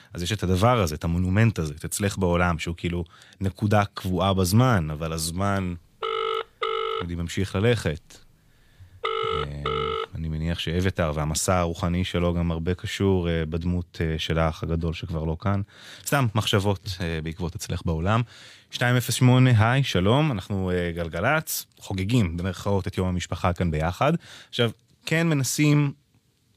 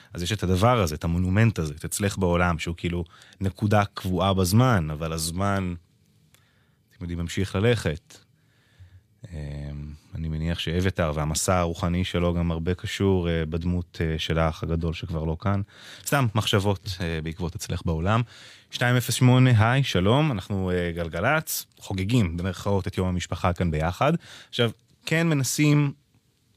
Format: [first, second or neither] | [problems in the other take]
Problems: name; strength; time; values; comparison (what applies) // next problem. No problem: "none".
second | phone ringing; noticeable; from 6 to 10 s; peak 1 dB below the speech